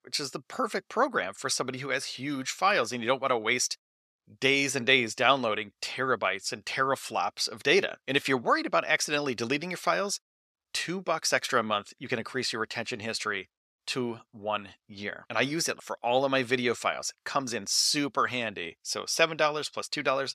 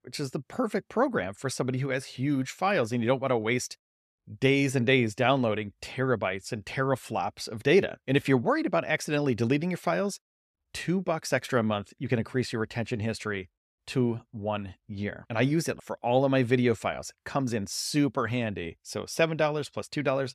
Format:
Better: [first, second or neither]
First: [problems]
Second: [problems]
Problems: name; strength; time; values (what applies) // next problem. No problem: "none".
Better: second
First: thin; somewhat; fading below 600 Hz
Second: none